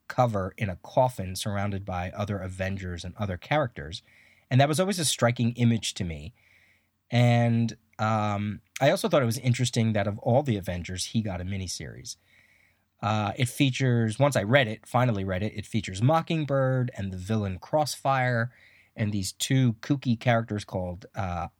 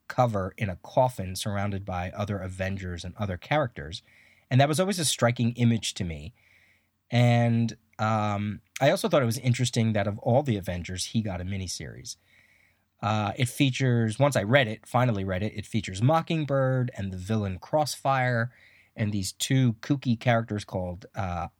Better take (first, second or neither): neither